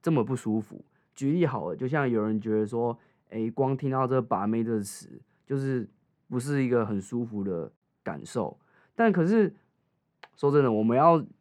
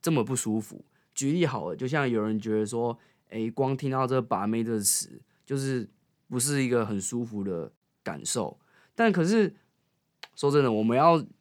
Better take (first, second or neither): second